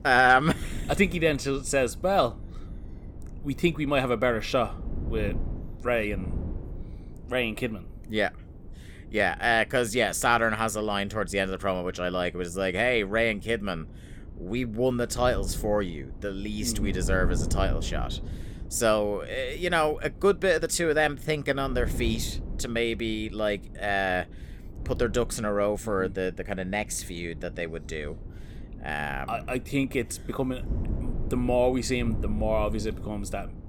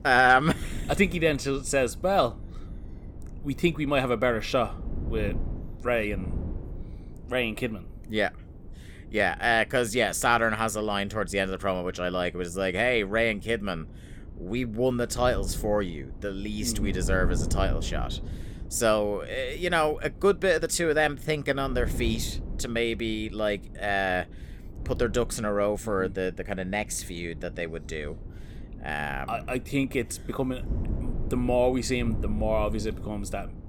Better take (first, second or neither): neither